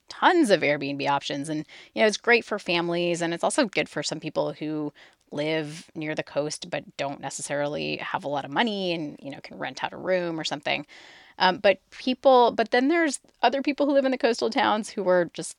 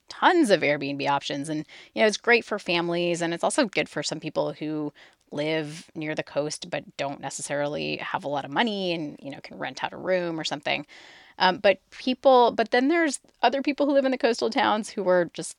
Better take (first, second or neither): neither